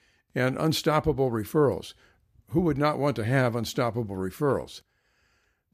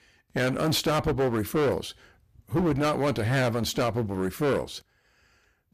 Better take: first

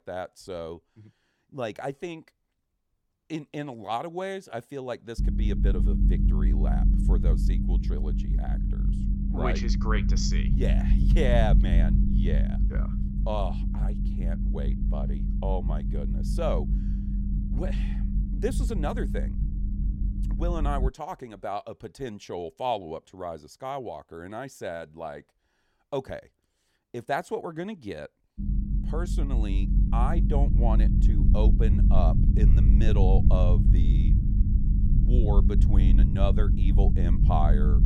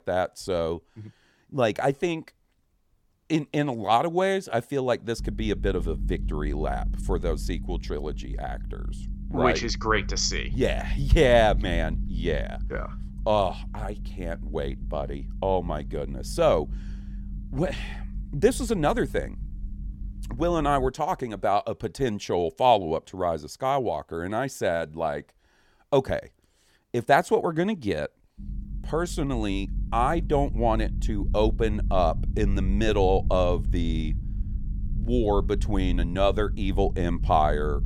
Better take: second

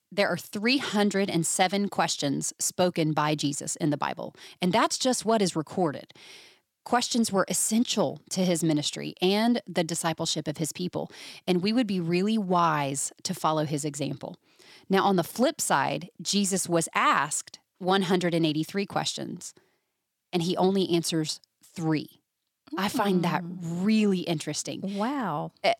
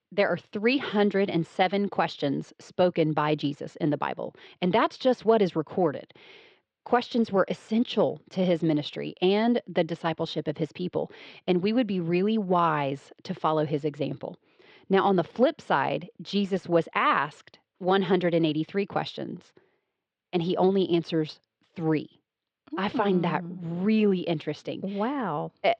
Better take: first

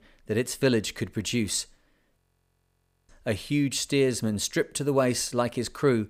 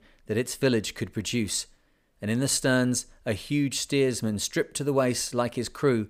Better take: second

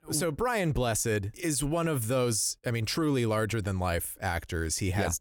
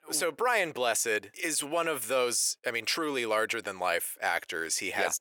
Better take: first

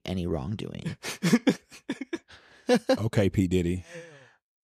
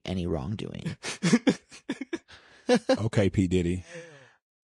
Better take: first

